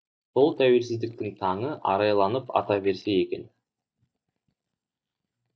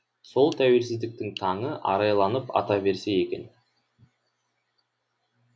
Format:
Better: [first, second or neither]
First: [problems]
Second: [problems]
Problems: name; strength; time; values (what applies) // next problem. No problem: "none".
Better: second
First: noise reduction (neural mask model DeepFilterNet 3)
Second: none